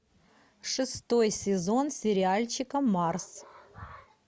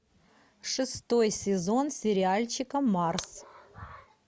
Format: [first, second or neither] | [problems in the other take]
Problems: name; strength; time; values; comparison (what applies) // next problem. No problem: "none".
first | background sound (Crack); 13 dB below the speech